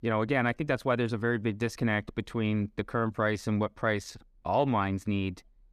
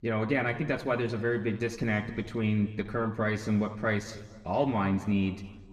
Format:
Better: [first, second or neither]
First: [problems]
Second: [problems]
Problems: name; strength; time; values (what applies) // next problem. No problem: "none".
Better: first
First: none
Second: room echo; slight; dies away in 1.4 s